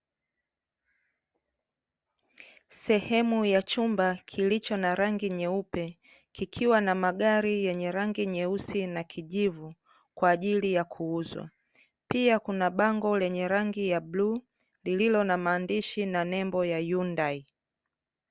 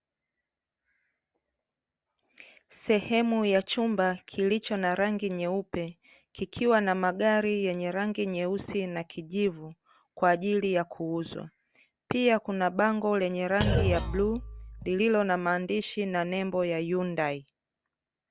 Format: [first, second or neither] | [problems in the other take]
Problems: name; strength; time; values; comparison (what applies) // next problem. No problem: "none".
first | background sound (Thump, thud); 2 dB below the speech